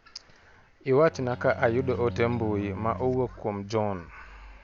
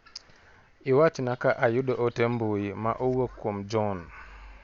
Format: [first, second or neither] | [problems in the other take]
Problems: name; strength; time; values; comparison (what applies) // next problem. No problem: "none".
second | background sound (Bowed string instrument); 13 dB below the speech